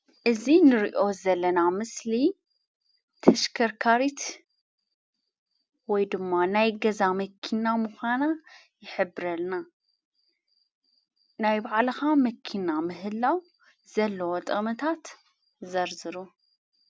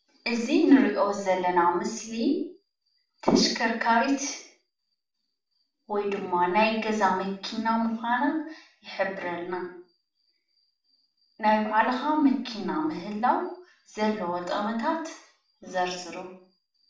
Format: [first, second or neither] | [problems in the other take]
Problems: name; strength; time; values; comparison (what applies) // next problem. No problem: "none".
first | room echo; dies away in 0.5 s